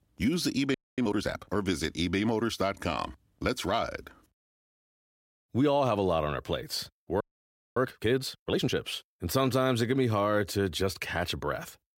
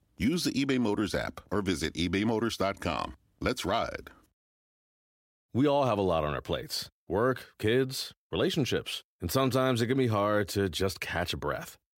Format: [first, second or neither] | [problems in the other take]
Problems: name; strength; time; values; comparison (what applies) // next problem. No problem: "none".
second | audio freezing; at 0.5 s and at 7 s for 0.5 s